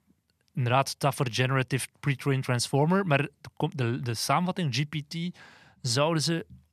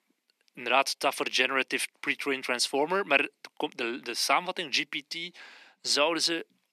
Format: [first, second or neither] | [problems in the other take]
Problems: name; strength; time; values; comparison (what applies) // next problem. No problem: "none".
first | thin; somewhat; fading below 250 Hz